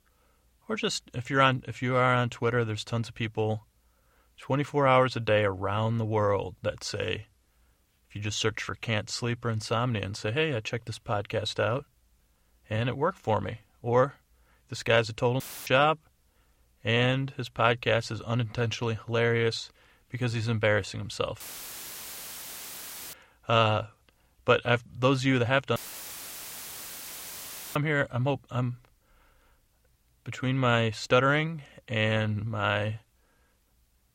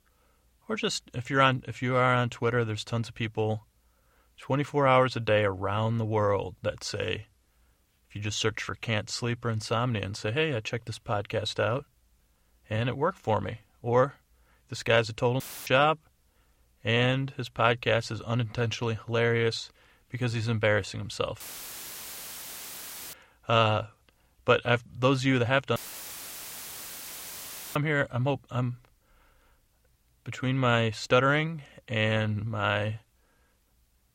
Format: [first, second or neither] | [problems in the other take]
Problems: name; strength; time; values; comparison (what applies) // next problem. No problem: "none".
neither | audio cutting out; filled with static; at 15 s, at 21 s for 1.5 s and at 26 s for 2 s; the same in both